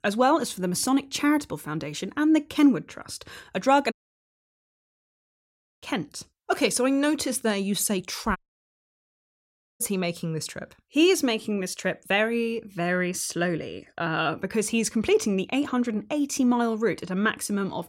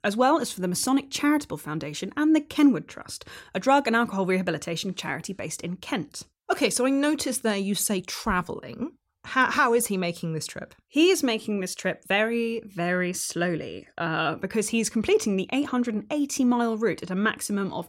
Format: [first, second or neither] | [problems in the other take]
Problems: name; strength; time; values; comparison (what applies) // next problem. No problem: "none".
second | audio cutting out; at 4 s for 2 s and at 8.5 s for 1.5 s